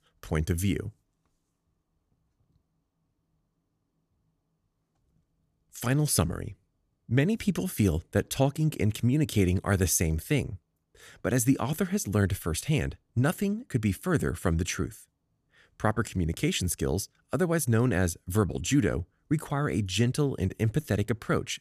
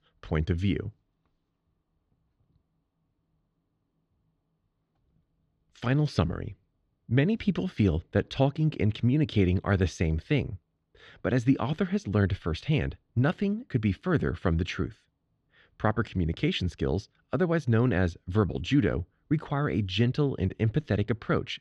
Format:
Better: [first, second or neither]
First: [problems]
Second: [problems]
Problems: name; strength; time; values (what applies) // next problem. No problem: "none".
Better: first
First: none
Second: muffled; slightly; fading above 4 kHz